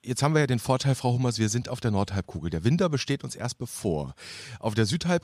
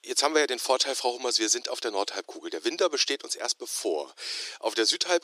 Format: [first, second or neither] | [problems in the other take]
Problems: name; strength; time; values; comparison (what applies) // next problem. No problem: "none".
first | thin; very; fading below 300 Hz